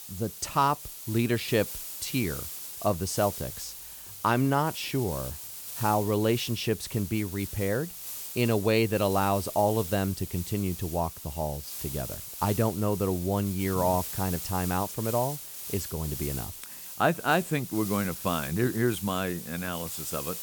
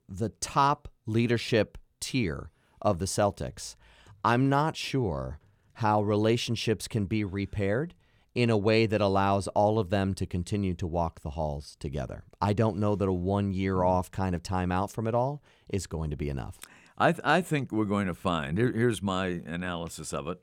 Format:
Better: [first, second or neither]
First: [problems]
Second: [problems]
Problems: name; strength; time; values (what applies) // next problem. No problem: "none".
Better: second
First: hiss; loud; throughout; 8 dB below the speech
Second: none